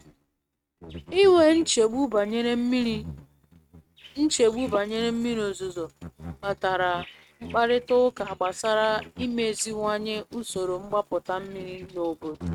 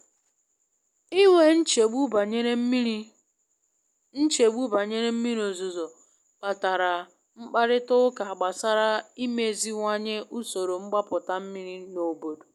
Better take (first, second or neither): second